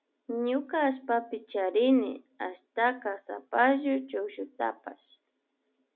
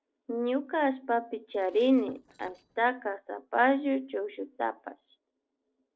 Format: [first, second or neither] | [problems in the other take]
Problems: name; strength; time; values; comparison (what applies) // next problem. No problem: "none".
first | noise reduction (neural separator model SepFormer DNS4)